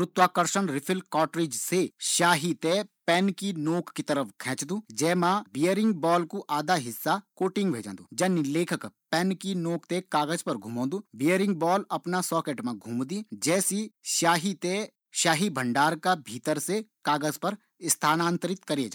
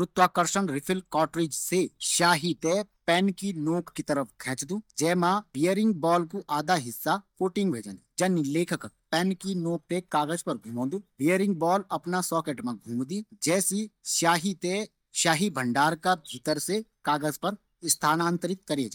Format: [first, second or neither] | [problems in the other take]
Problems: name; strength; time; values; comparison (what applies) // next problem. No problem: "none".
first | noise reduction (neural mask model DeepFilterNet 3)